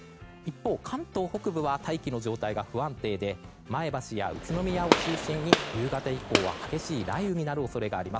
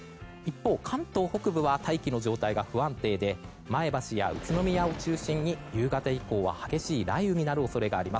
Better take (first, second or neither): second